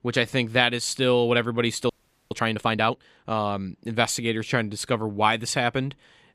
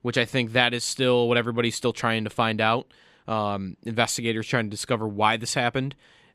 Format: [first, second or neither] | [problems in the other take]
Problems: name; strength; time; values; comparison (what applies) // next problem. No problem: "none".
second | audio freezing; at 2 s